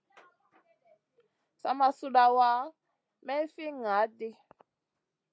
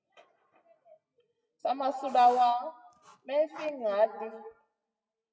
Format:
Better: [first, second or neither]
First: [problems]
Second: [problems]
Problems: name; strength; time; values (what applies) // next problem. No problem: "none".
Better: first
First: none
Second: noise reduction (classical method WPE with log-MMSE)